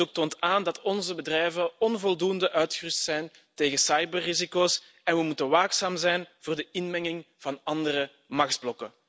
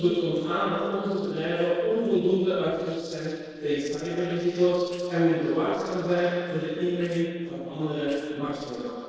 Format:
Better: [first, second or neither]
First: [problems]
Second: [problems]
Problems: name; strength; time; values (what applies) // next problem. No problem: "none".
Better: first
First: none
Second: noise reduction (neural separator model SepFormer DNS4)